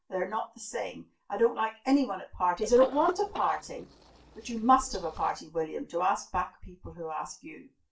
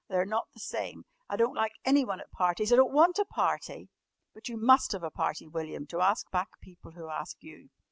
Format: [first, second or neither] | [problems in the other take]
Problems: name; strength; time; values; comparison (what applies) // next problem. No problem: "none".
second | noise reduction (neural separator model SepFormer DNS4)